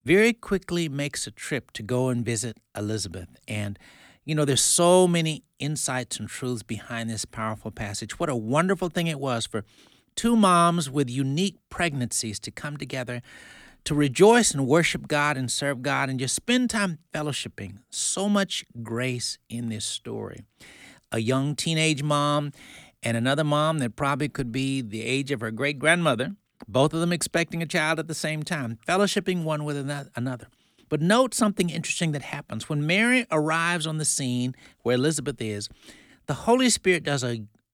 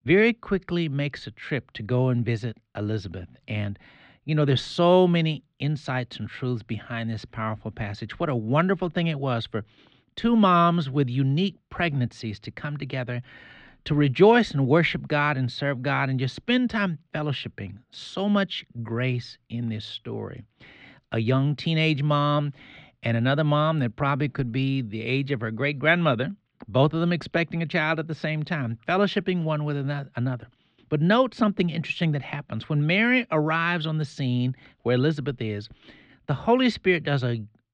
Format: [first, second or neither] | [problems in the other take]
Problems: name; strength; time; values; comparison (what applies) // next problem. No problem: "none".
first | muffled; slightly; fading above 3.5 kHz